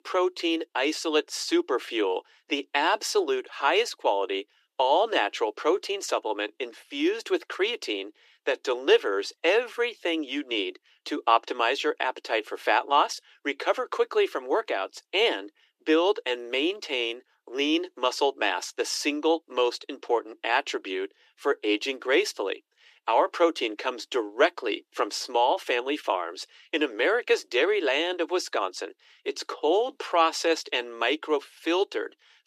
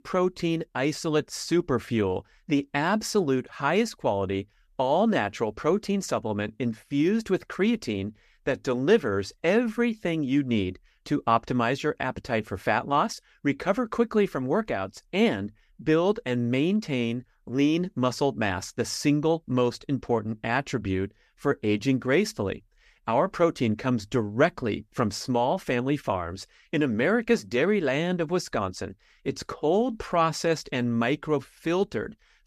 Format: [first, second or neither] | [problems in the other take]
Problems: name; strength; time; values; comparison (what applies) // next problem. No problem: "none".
second | thin; very; fading below 300 Hz